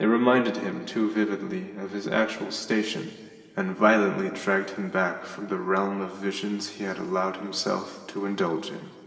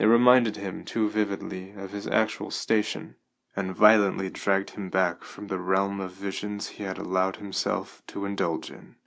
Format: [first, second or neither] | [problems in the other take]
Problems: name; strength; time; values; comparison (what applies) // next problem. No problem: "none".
second | room echo; dies away in 2.8 s